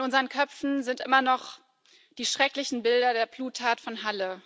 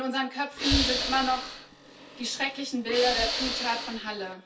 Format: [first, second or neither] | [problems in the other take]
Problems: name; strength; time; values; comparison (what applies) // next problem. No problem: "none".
first | background sound (Hiss / Breathing); 2 dB below the speech // room echo; dies away in 0.3 s